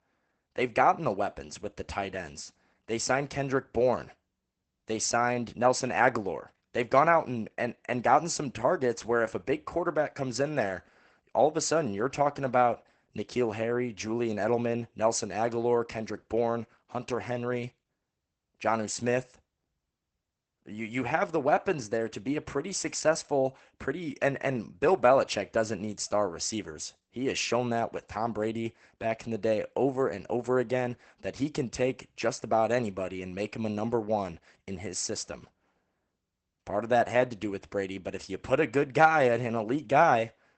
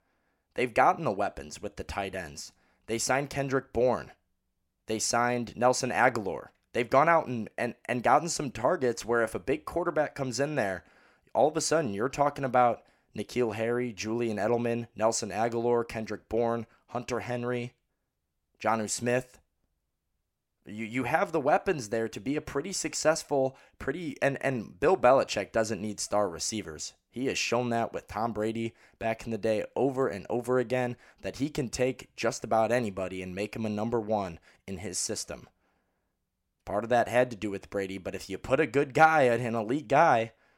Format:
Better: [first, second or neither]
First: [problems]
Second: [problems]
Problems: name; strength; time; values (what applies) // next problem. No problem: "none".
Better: second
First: garbled, watery; badly; nothing above 8 kHz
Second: none